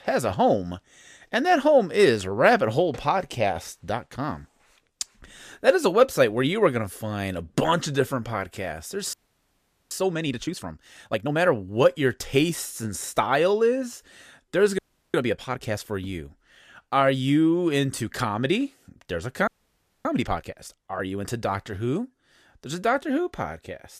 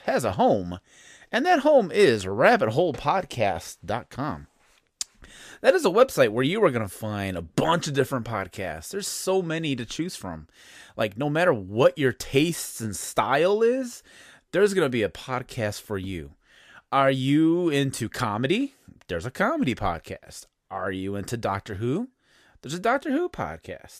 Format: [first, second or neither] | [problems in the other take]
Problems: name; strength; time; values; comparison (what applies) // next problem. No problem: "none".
second | audio freezing; at 9 s for 1 s, at 15 s and at 19 s for 0.5 s